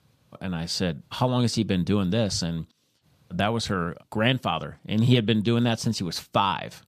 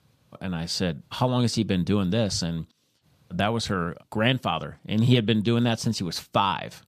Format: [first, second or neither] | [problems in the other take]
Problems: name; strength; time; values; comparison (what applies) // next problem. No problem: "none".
neither | none